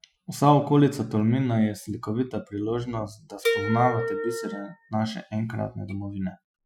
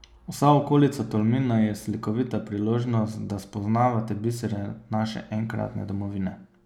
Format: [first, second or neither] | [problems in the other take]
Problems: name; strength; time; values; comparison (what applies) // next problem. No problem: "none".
second | noise reduction (classical method Wiener filter)